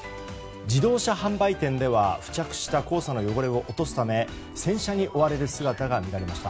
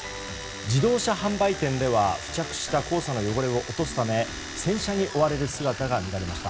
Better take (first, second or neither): first